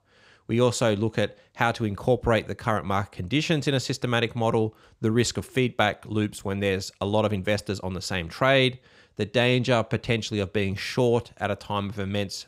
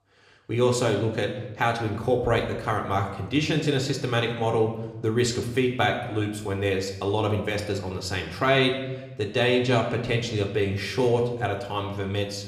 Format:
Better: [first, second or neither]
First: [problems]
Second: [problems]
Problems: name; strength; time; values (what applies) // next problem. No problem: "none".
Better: first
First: none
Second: room echo; slight; dies away in 0.8 s // off-mic speech; somewhat distant